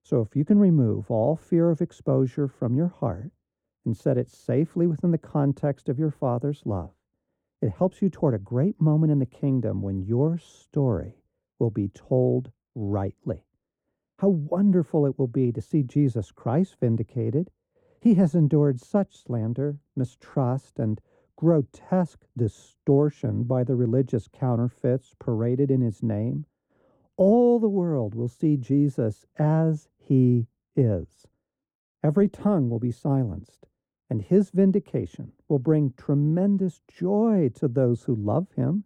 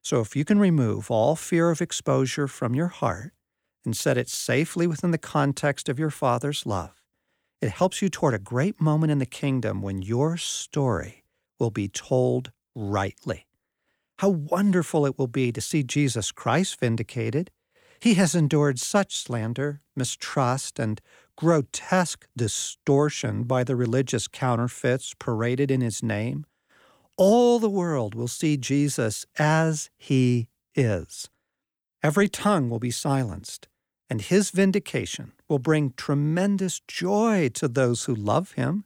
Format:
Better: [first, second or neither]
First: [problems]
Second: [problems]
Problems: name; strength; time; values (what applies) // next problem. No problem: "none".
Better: second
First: muffled; very; fading above 1 kHz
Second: none